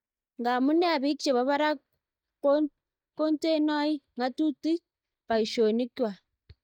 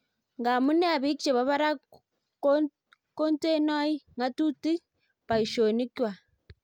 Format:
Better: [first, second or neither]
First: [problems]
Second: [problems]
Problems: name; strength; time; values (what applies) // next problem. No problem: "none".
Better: second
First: noise reduction (neural mask model DeepFilterNet 3)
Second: none